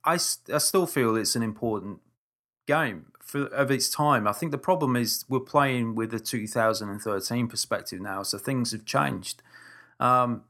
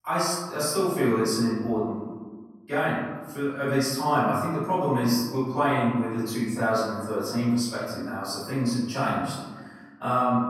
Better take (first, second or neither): first